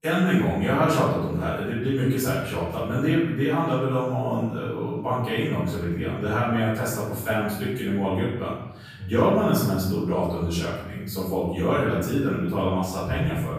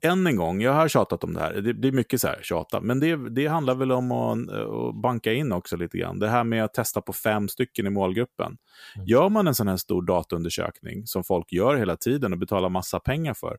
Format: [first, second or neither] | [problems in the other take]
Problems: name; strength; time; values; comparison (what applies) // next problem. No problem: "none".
second | off-mic speech; far // room echo; strong; dies away in 1 s